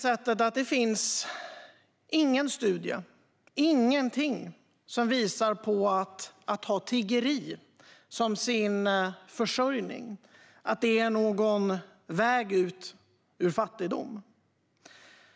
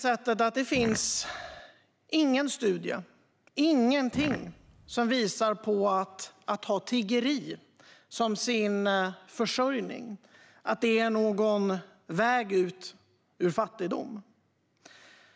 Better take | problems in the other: first | background sound (Fart); 11 dB below the speech

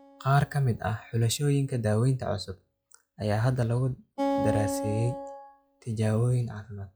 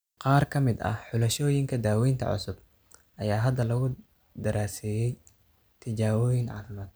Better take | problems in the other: second | noise reduction (classical method log-MMSE)

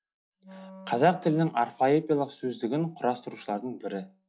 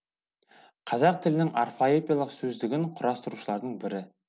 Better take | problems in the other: second | noise reduction (classical method log-MMSE)

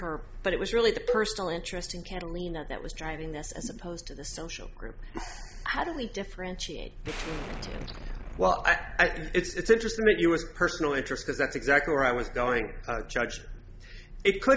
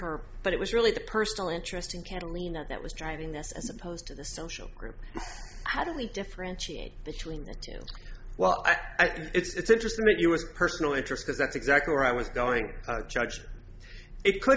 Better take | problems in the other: second | background sound (Cowbell + Explosion); 10 dB below the speech

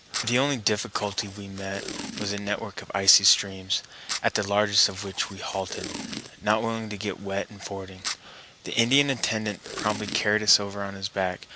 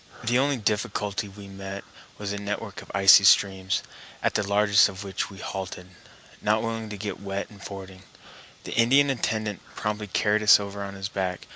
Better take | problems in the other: second | background sound (Packing tape, duct tape); 13 dB below the speech

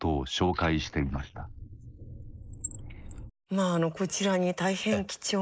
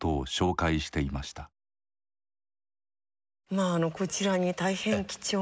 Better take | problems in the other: second | noise reduction (neural mask model Resemble Enhance denoiser)

